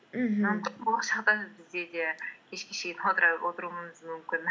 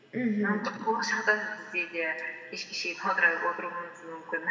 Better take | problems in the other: first | room echo; dies away in 2.3 s

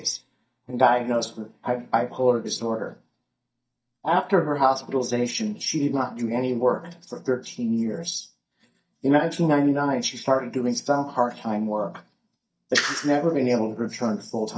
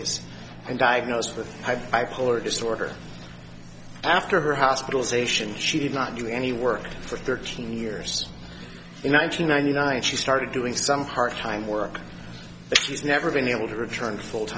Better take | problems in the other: second | noise reduction (neural mask model DeepFilterNet 3)

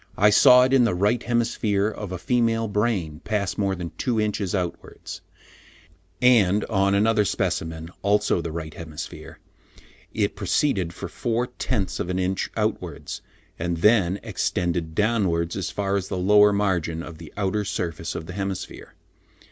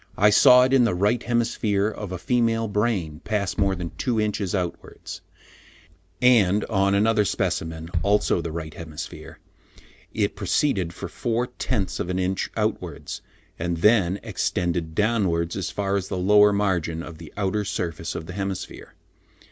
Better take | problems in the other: first | background sound (Bass drum); 11 dB below the speech

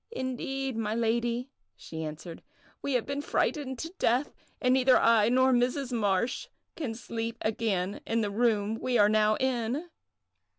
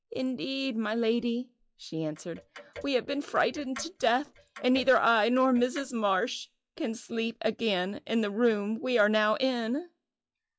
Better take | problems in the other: first | noise reduction (classical method log-MMSE)

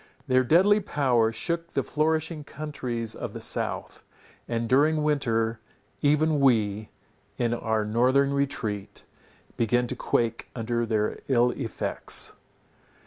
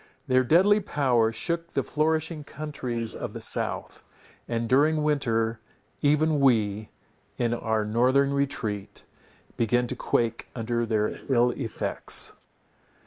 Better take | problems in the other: first | noise reduction (neural mask model Resemble Enhance denoiser)

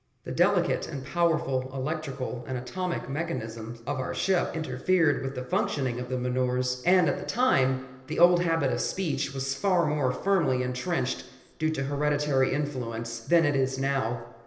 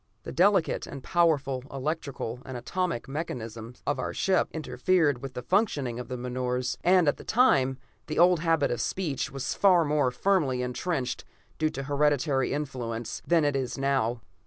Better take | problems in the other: second | room echo; dies away in 1.4 s

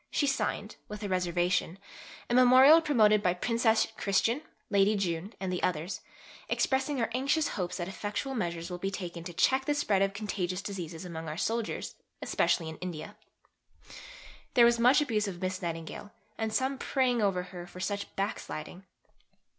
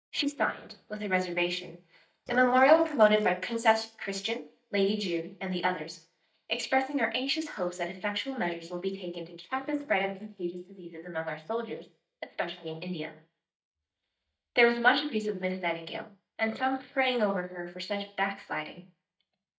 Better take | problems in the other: first | noise reduction (neural mask model DeepFilterNet 3)

